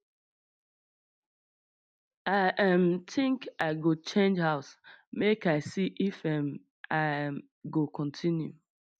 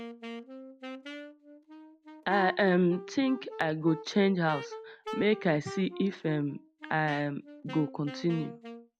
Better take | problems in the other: first | background sound (Wind instrument, woodwind instrument); 13 dB below the speech

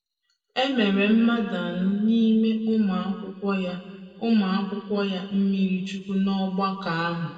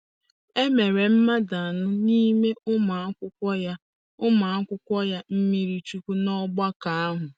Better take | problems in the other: second | room echo; dies away in 2 s

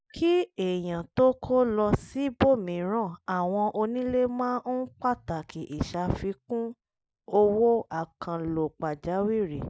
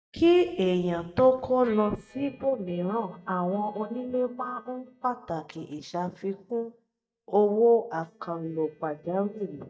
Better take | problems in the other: first | noise reduction (neural mask model DeepFilterNet 3)

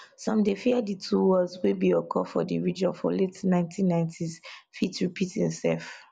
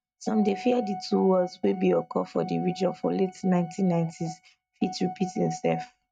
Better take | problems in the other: first | noise reduction (neural mask model RNNoise)

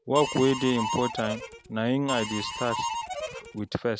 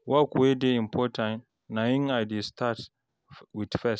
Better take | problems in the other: second | background sound (Harmonica); 6 dB below the speech

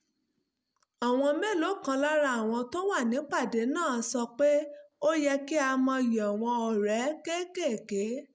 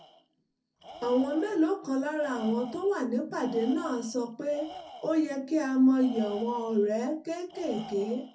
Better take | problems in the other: first | background sound (Tools); 18 dB below the speech // room echo; dies away in 0.3 s

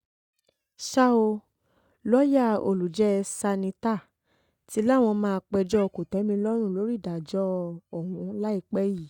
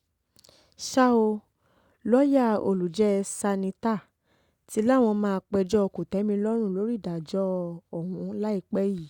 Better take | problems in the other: second | noise reduction (neural mask model DeepFilterNet 3)

